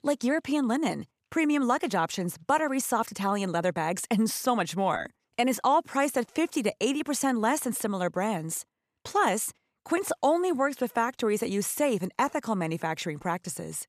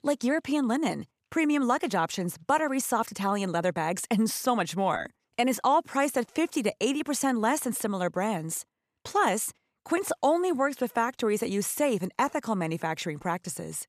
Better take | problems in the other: neither | none

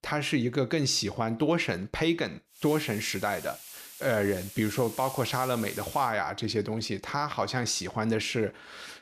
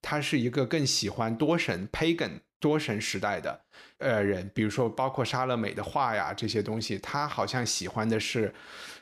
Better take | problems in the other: second | hiss; noticeable; from 2.5 to 6 s; 15 dB below the speech

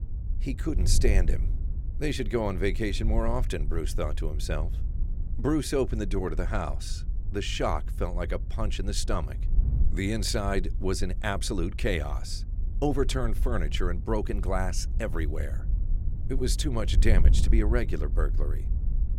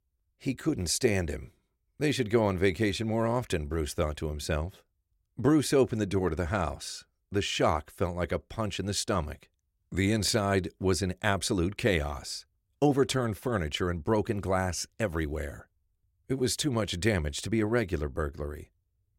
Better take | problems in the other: second | wind noise on the microphone; occasional gusts; 15 dB below the speech

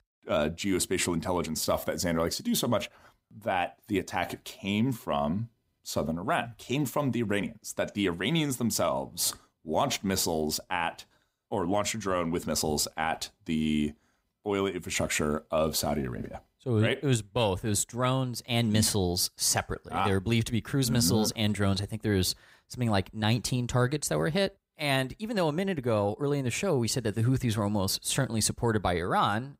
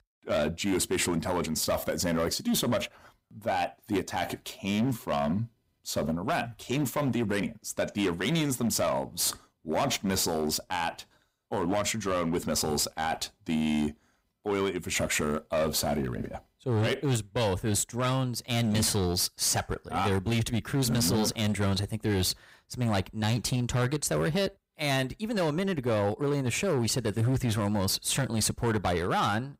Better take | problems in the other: first | distortion; slight; 11% of the sound clipped

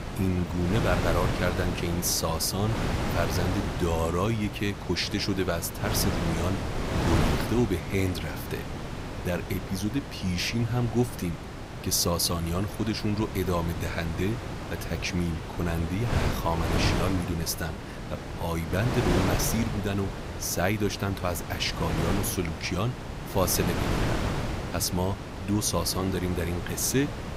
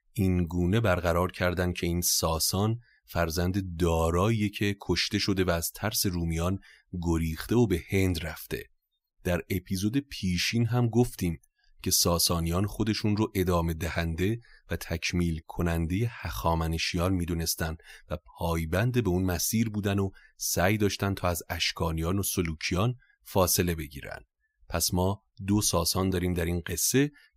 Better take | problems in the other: second | wind noise on the microphone; heavy; 4 dB below the speech

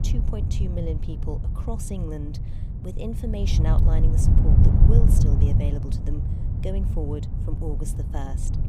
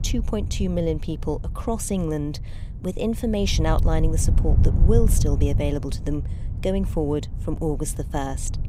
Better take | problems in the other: second | wind noise on the microphone; heavy; as loud as the speech; occasional gusts in the second

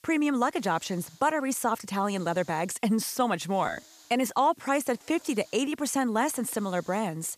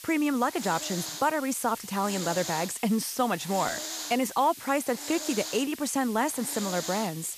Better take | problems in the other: first | hiss; loud; throughout; 8 dB below the speech; faint in the first

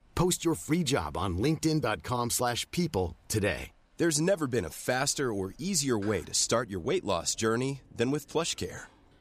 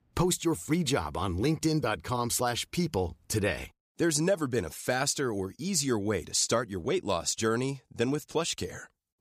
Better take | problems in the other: second | rain or running water; faint; throughout; 30 dB below the speech

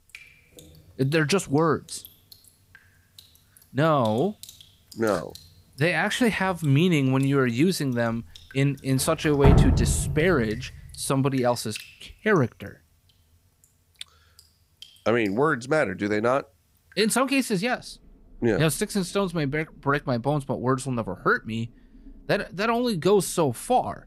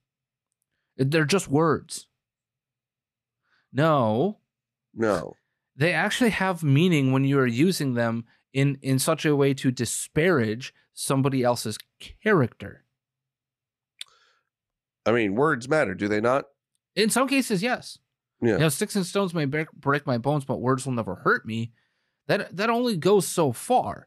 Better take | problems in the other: second | rain or running water; loud; throughout; 3 dB below the speech

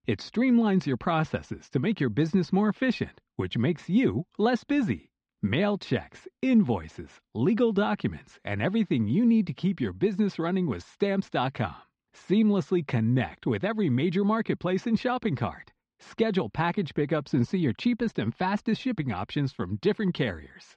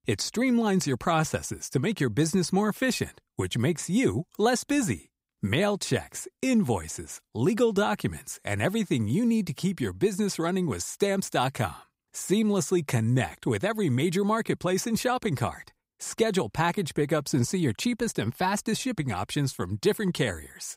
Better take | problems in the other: second | muffled; slightly; fading above 4 kHz

